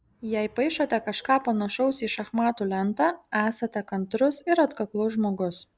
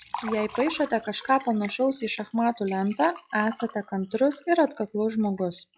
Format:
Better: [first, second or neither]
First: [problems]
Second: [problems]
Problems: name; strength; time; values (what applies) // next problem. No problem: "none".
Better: first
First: none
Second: noise reduction (classical method log-MMSE)